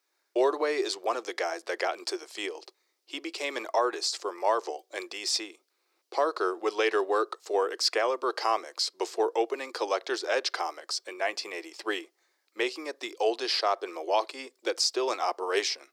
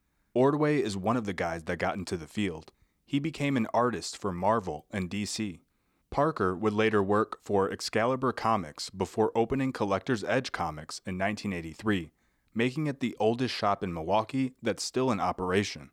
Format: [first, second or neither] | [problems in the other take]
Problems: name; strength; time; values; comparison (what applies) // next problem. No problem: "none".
second | thin; very; fading below 350 Hz